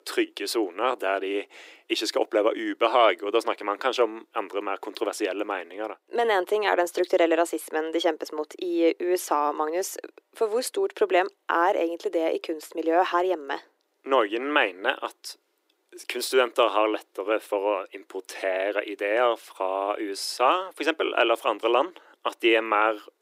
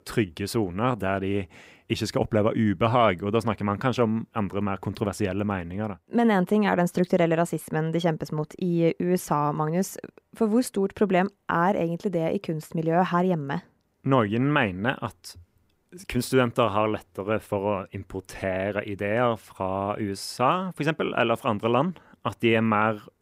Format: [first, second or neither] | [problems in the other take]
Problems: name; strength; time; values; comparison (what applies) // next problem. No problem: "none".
second | thin; very; fading below 300 Hz